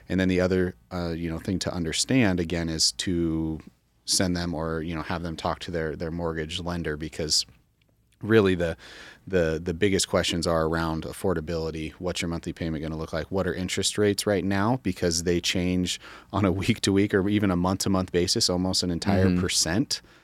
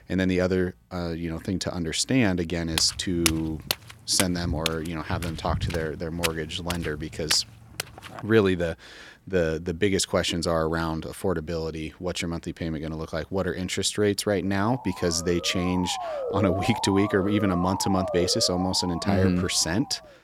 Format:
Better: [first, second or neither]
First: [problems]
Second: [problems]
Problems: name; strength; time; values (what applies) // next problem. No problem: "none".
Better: first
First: none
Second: footsteps; noticeable; from 3 to 8 s; peak level with the speech // siren; noticeable; from 15 s on; peak 3 dB below the speech